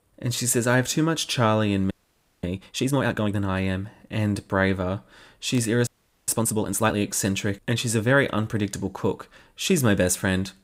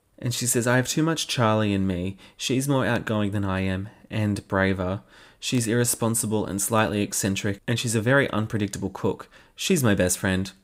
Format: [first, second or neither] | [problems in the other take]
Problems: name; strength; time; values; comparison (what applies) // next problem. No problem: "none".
second | audio freezing; at 2 s for 0.5 s and at 6 s